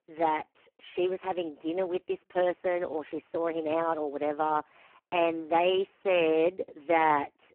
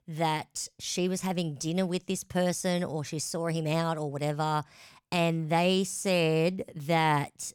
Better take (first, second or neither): second